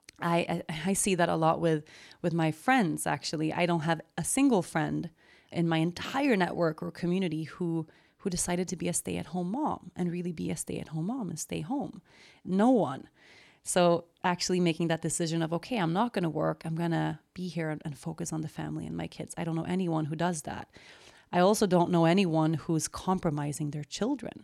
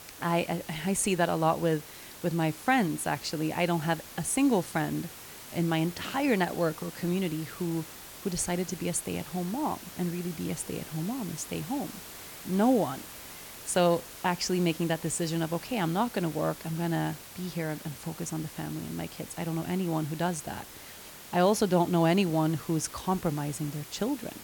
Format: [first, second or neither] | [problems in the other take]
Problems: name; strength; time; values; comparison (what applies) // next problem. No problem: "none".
first | hiss; noticeable; throughout; 15 dB below the speech